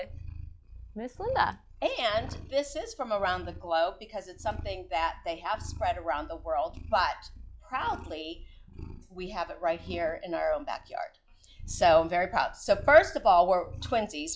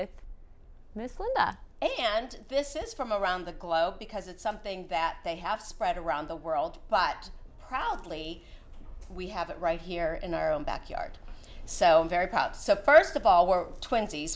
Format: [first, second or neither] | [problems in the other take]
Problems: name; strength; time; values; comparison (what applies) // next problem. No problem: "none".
second | noise reduction (classical method log-MMSE)